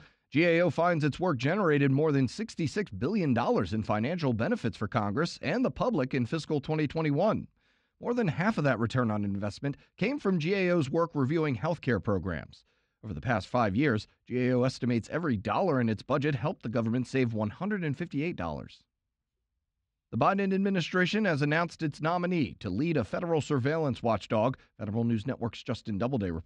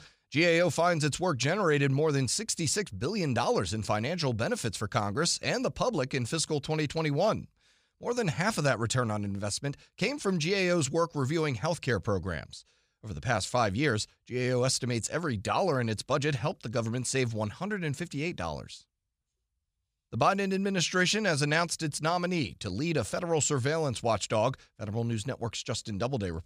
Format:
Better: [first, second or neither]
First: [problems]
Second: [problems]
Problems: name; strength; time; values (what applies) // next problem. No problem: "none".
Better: second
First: muffled; slightly; fading above 3 kHz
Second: none